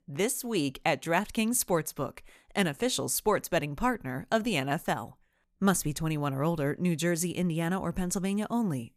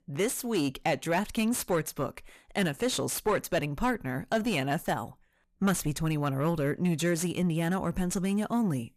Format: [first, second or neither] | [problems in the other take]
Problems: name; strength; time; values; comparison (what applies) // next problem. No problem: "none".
first | distortion; slight; 10 dB below the speech